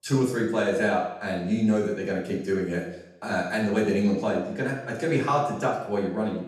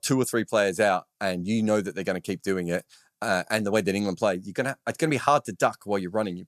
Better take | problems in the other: second | room echo; noticeable; dies away in 0.8 s // off-mic speech; far

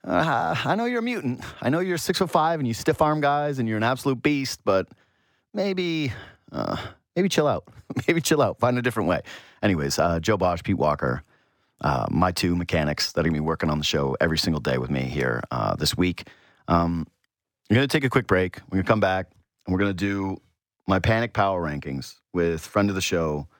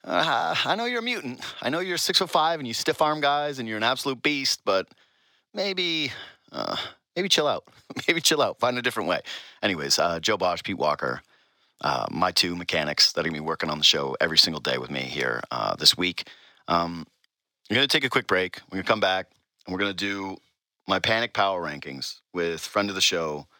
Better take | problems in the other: first | thin; very slightly; fading below 550 Hz

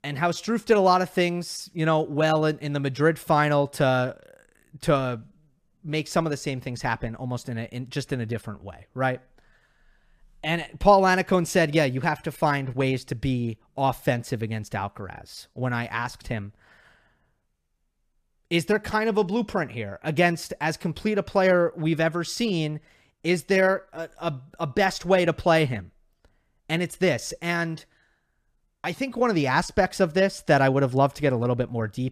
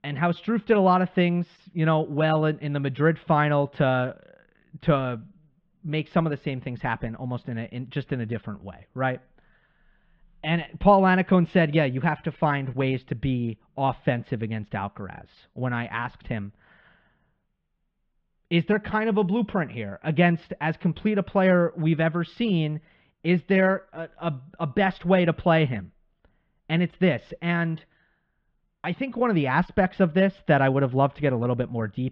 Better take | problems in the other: first | muffled; very; fading above 3.5 kHz

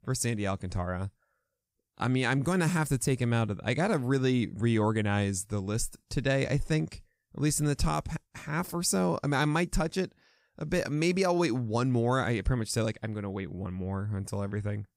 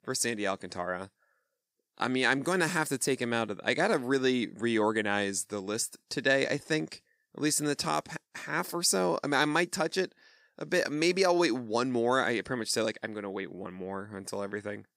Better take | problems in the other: first | thin; somewhat; fading below 350 Hz

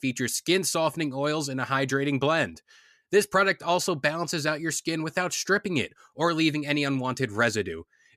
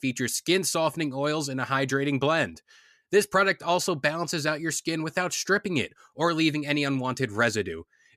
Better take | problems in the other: neither | none

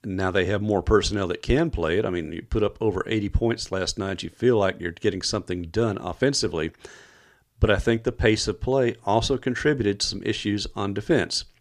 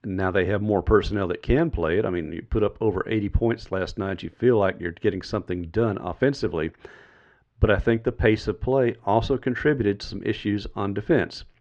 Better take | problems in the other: first | muffled; slightly; fading above 2.5 kHz

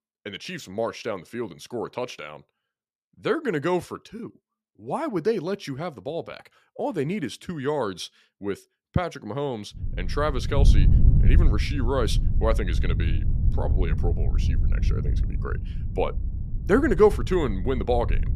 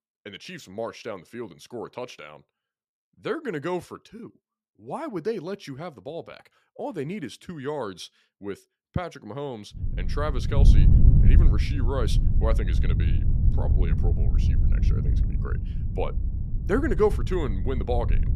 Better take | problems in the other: first | wind noise on the microphone; heavy; from 10 s on; 7 dB below the speech; occasional gusts in the first

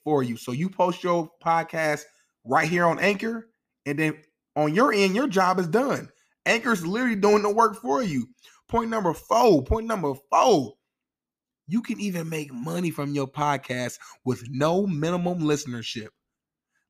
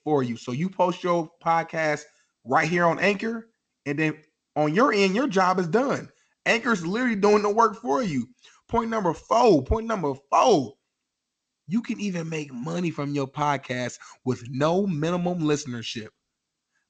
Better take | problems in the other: first | garbled, watery; slightly; nothing above 7.5 kHz

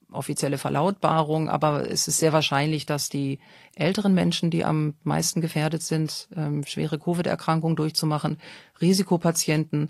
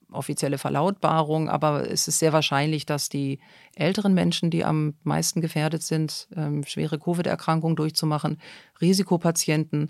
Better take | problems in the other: second | garbled, watery; slightly; nothing above 12.5 kHz

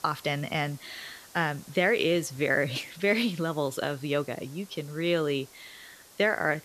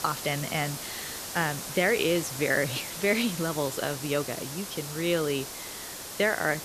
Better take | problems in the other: first | hiss; loud; throughout; 7 dB below the speech; faint in the first

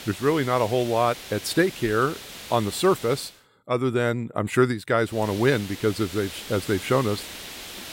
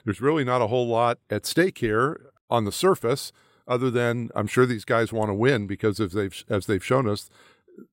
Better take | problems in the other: second | hiss; noticeable; until 3.5 s and from 5 s on; 15 dB below the speech

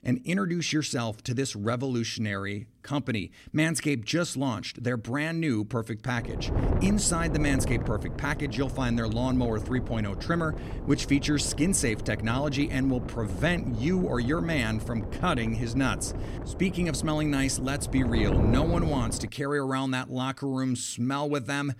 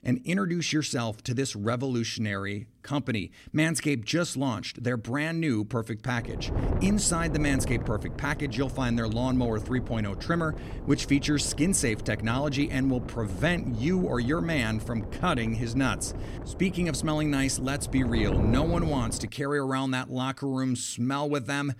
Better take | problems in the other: second | wind noise on the microphone; heavy; from 6 to 19 s; 9 dB below the speech; occasional gusts in the second

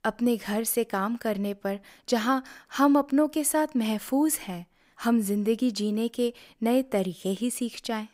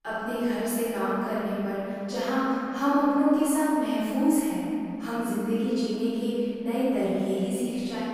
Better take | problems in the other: first | off-mic speech; far // room echo; strong; dies away in 3 s

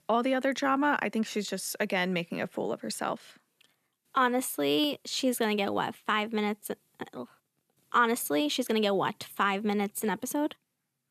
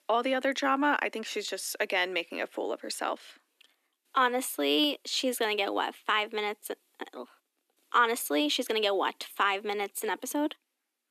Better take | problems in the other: first | thin; very slightly; fading below 300 Hz

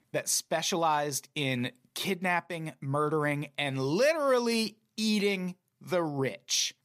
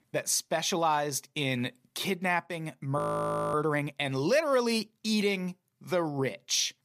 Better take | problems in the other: first | audio freezing; at 3 s for 0.5 s

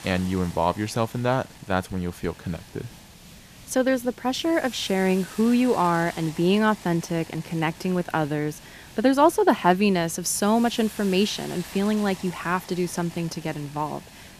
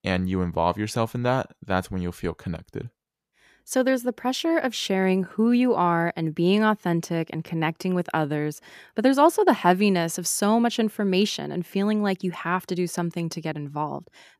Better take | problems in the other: second | hiss; noticeable; throughout; 20 dB below the speech

